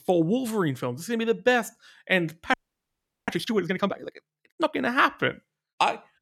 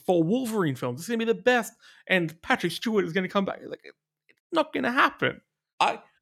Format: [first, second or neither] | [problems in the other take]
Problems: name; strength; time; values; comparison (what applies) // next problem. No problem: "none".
second | audio freezing; at 2.5 s for 0.5 s